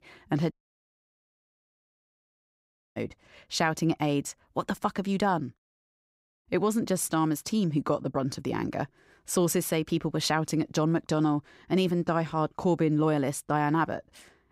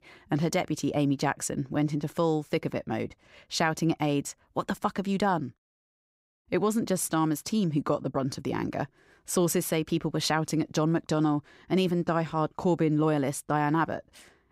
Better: second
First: audio cutting out; at 0.5 s for 2.5 s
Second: none

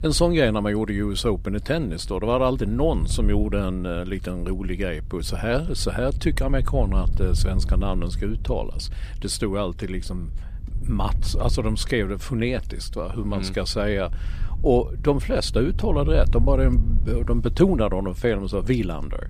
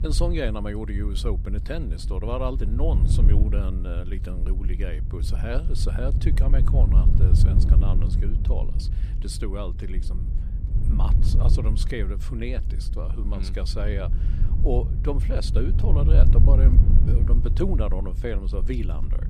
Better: first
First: low rumble; faint; throughout; 20 dB below the speech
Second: low rumble; loud; throughout; 6 dB below the speech

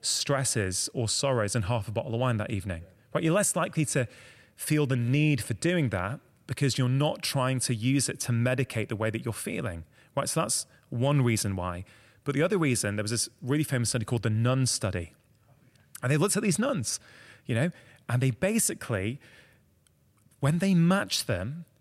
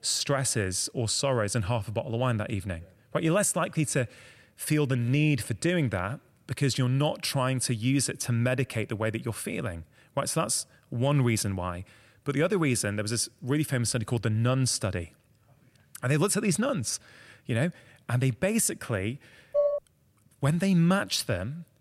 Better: first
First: none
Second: clattering dishes; loud; at 20 s; peak 1 dB above the speech

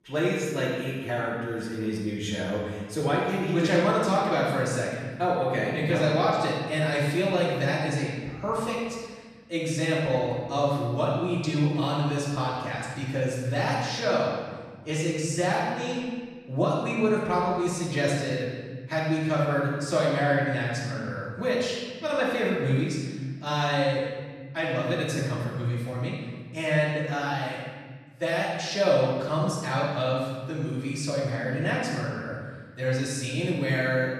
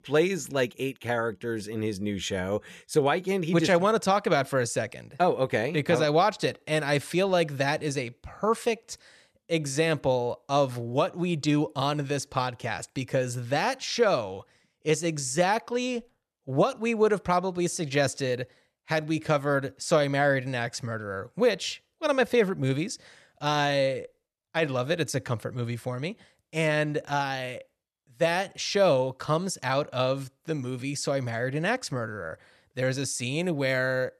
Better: second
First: off-mic speech; far // room echo; strong; dies away in 1.5 s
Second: none

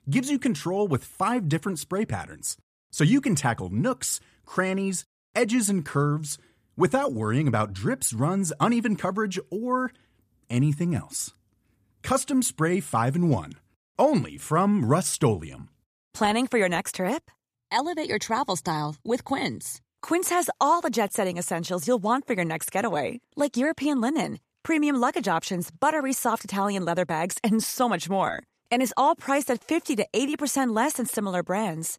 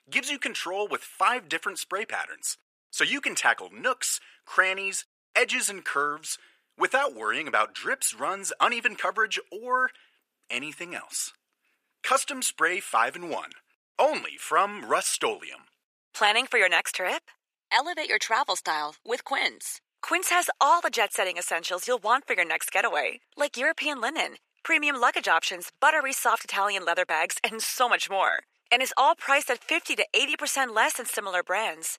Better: first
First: none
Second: thin; very; fading below 450 Hz

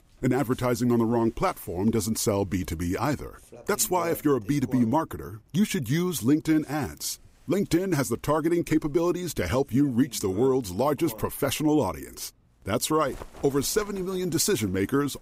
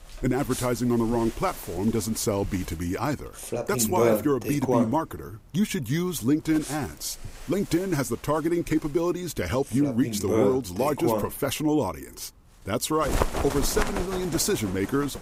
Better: first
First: animal sounds; faint; throughout; 20 dB below the speech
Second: animal sounds; loud; throughout; 4 dB below the speech

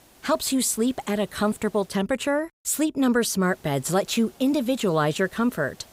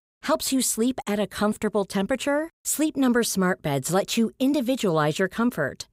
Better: second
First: hiss; faint; until 2 s and from 3.5 s on; 30 dB below the speech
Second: none

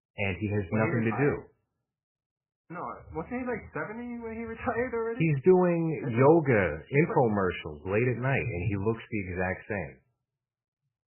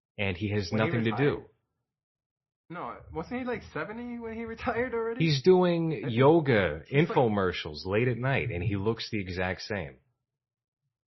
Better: second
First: garbled, watery; badly; nothing above 2.5 kHz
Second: garbled, watery; slightly; nothing above 5.5 kHz

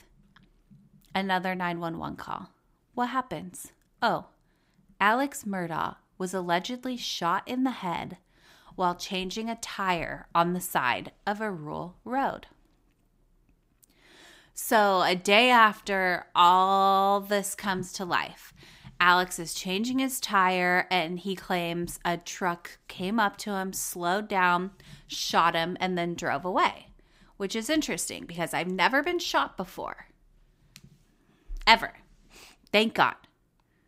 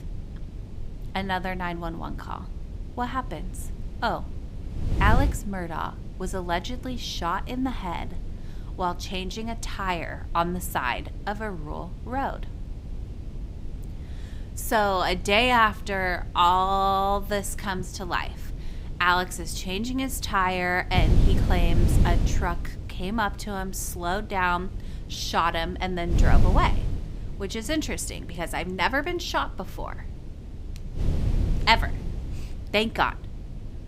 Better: first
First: none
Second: wind noise on the microphone; occasional gusts; 20 dB below the speech

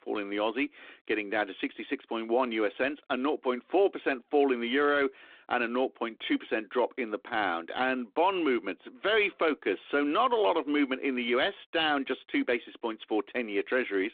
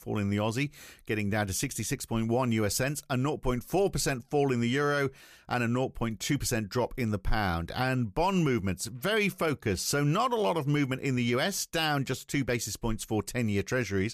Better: second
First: phone-call audio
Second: none

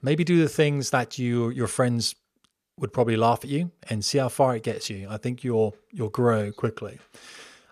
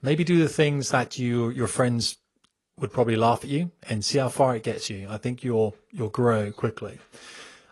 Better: first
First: none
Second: garbled, watery; slightly; nothing above 11 kHz

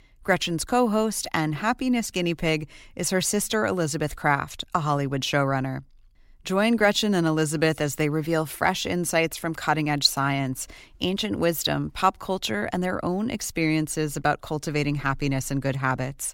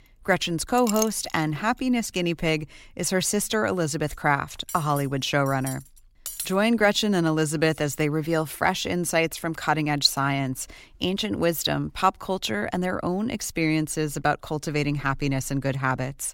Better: first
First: none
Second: clattering dishes; noticeable; at 1 s and from 4.5 to 6.5 s; peak 5 dB below the speech

